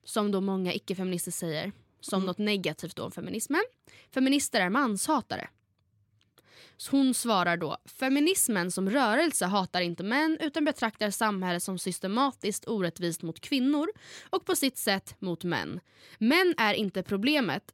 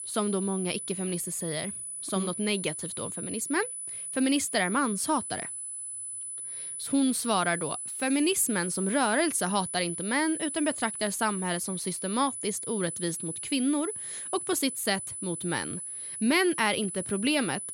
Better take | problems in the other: first | high-pitched whine; loud; throughout; 10 kHz, 5 dB below the speech

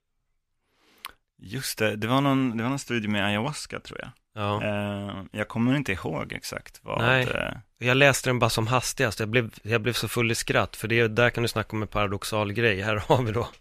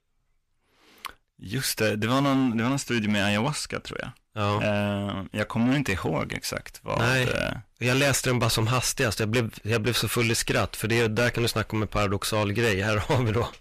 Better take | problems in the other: first | distortion; heavy; 7 dB below the speech

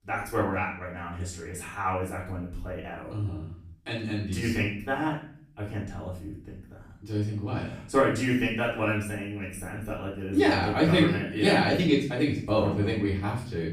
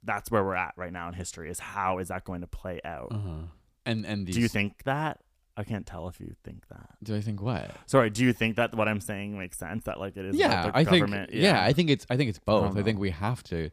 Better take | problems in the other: second | off-mic speech; far // room echo; noticeable; dies away in 0.5 s

